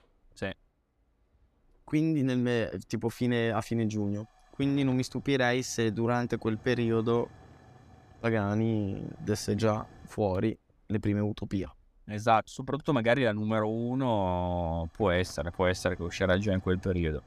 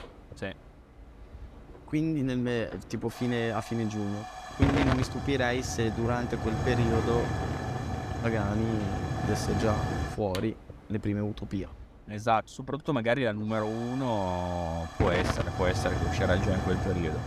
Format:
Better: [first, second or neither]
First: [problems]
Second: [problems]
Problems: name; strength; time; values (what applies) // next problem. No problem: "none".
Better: first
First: hiss; faint; throughout; 25 dB below the speech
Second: hiss; loud; throughout; 2 dB below the speech